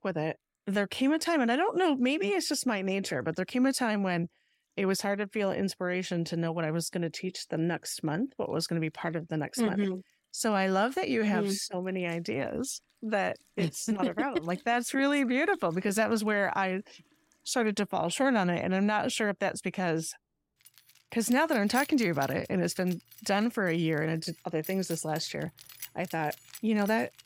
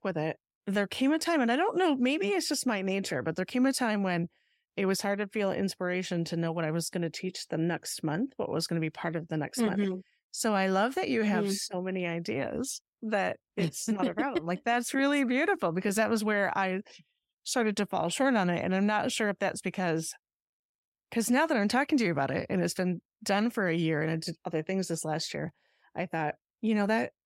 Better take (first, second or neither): second